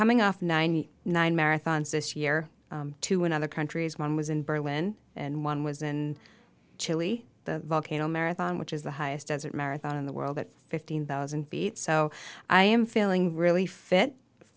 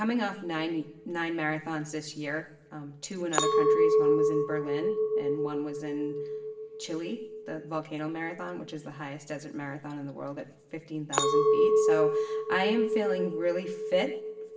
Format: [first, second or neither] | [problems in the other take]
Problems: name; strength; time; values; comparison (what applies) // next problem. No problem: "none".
first | background sound (Chink, clink); 4 dB above the speech // room echo; dies away in 0.7 s